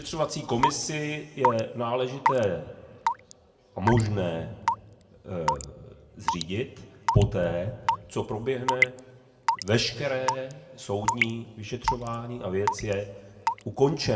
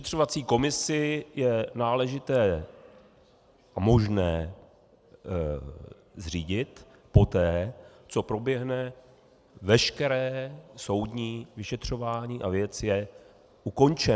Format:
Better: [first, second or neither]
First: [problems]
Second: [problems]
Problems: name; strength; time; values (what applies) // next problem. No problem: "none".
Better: second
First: background sound (Raindrop / Drip / Water tap, faucet); 3 dB below the speech // room echo; dies away in 1.1 s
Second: none